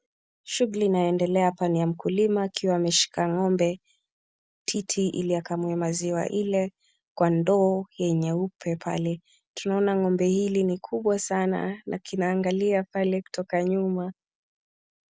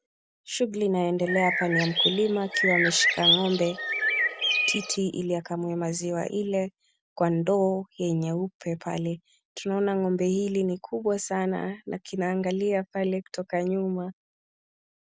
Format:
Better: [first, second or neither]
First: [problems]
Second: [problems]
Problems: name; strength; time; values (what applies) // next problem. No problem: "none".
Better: first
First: none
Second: background sound (Bird); 1 dB above the speech